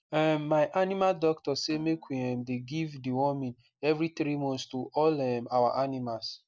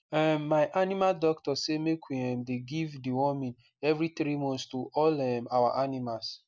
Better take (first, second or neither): second